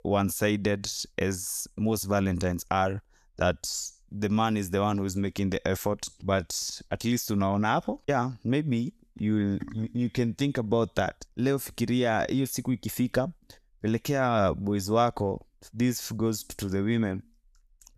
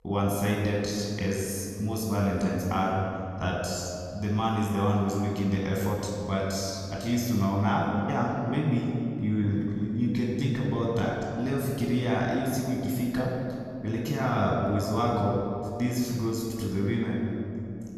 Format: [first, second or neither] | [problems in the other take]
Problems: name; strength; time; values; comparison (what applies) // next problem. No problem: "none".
first | off-mic speech; somewhat distant // room echo; noticeable; dies away in 2.6 s